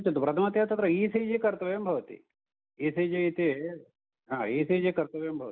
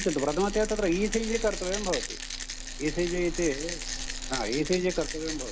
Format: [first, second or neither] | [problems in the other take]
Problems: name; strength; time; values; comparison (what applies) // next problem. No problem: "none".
first | background sound (Rattle); 5 dB below the speech